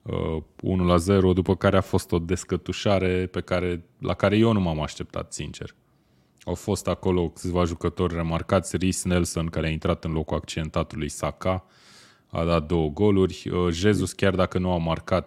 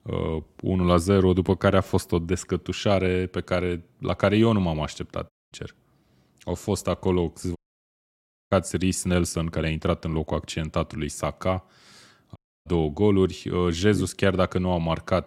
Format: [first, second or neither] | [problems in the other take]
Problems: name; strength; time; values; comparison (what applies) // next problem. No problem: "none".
first | audio cutting out; at 5.5 s, at 7.5 s for 1 s and at 12 s